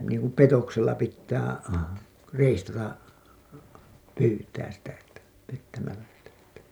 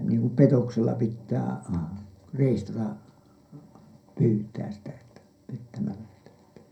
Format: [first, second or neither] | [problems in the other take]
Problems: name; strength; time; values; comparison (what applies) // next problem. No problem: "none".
first | room echo; dies away in 0.2 s